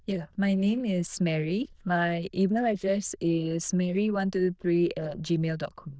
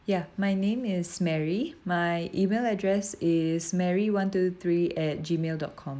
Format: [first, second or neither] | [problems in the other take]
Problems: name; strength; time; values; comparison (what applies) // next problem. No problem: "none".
second | noise reduction (neural diffusion model UNIVERSE++)